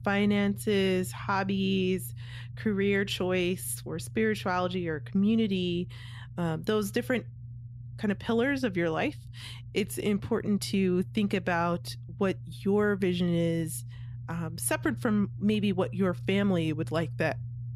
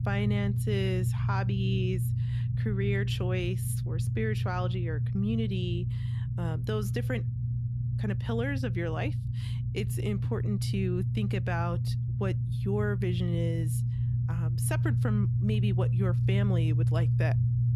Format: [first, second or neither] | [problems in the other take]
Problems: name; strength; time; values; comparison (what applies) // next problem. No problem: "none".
first | low rumble; loud; throughout; 6 dB below the speech; faint in the first